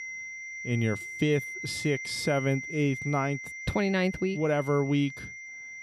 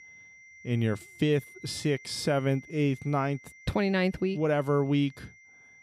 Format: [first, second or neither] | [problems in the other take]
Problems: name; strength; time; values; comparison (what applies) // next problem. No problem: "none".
second | high-pitched whine; loud; throughout; 2 kHz, 8 dB below the speech; faint in the second